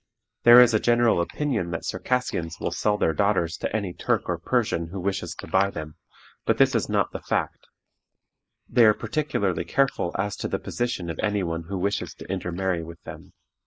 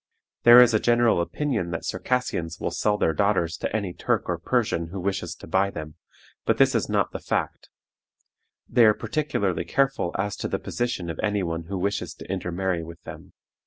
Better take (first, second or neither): second